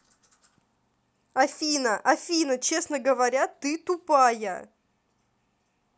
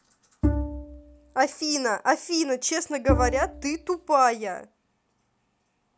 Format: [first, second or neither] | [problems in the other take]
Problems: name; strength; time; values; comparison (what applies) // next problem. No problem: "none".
first | background sound (Bowed string instrument); 3 dB below the speech